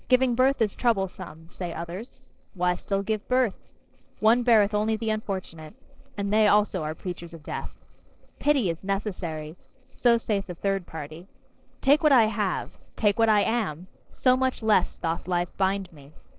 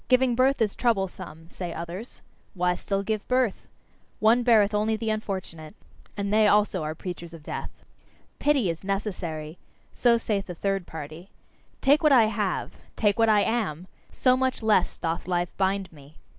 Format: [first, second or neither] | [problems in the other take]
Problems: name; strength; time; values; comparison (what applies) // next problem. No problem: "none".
second | noise reduction (neural separator model SepFormer DNS4)